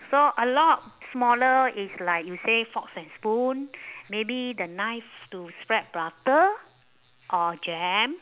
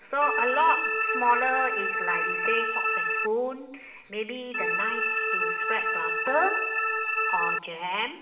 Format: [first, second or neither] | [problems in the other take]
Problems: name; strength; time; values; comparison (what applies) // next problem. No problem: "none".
first | background sound (Organ); 2 dB above the speech // room echo; dies away in 0.9 s